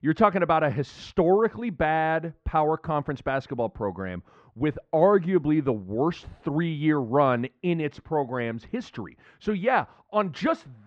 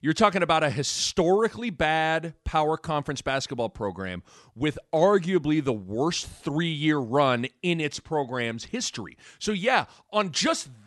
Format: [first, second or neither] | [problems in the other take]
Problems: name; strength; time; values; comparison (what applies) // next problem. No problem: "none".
second | muffled; very; fading above 1.5 kHz